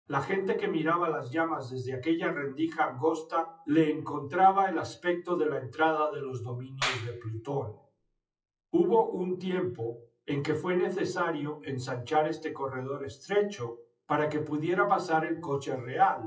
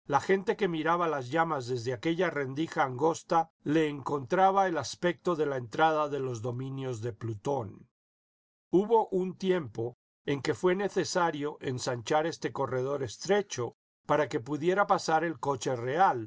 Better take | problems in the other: second | noise reduction (classical method WPE with log-MMSE)

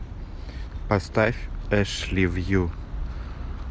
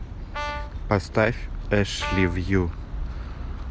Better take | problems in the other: first | background sound (Brass instrument); 11 dB below the speech

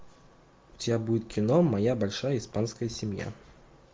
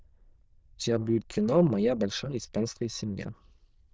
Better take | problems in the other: first | noise reduction (neural diffusion model UNIVERSE++)

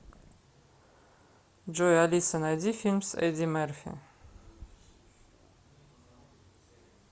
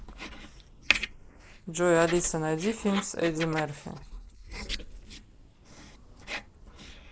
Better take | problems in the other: first | noise reduction (neural mask model Resemble Enhance denoiser)

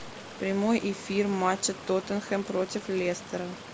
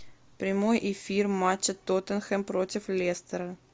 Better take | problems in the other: second | background sound (Stream); 14 dB below the speech

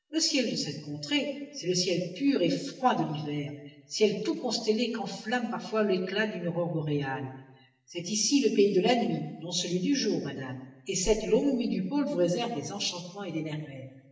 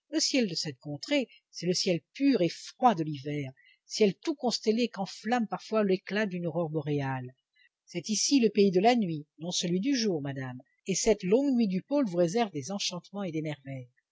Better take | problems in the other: second | room echo; dies away in 1 s

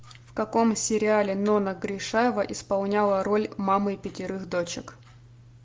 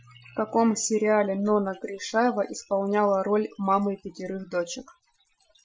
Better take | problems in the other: first | noise reduction (classical method Wiener filter)

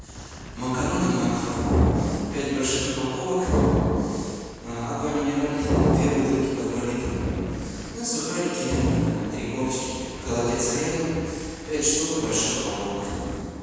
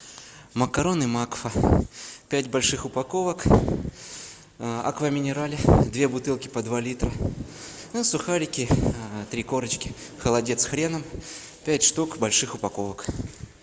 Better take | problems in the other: second | background sound (Wind); 16 dB below the speech // room echo; dies away in 2.1 s

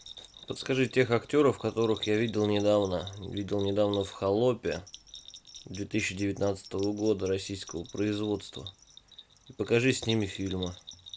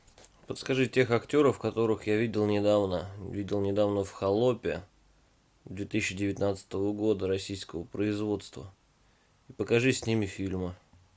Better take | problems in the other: second | background sound (Bell); 17 dB below the speech

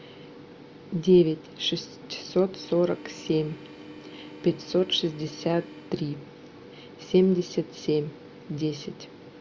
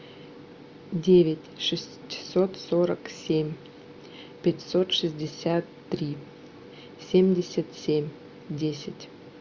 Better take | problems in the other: second | background sound (Organ); 19 dB below the speech

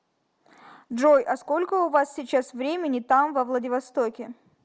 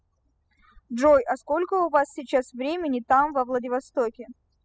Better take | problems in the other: first | noise reduction (classical method spectral subtraction)

